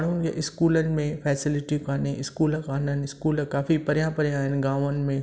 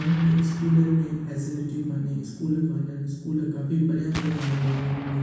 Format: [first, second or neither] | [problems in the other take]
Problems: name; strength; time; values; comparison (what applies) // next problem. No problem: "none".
first | background sound (Explosion); 16 dB below the speech // room echo; dies away in 1.2 s